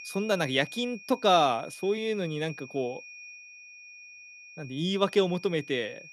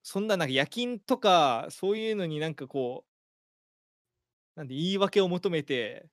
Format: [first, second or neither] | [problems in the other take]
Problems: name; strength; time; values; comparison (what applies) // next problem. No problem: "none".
second | high-pitched whine; noticeable; throughout; 2.5 kHz, 15 dB below the speech